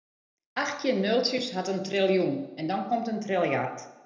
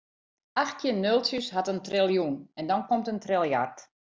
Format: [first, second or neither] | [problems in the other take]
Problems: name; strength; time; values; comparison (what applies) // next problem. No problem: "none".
second | room echo; dies away in 0.7 s